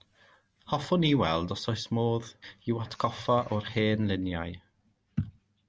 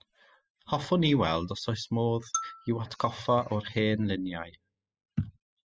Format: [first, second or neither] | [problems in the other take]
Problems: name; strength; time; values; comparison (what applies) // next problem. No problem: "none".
first | noise reduction (classical method spectral subtraction)